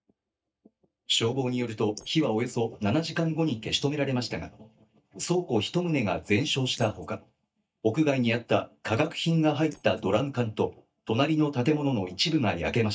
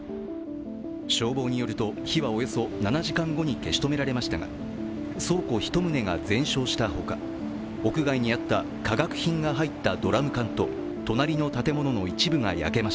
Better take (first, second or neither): second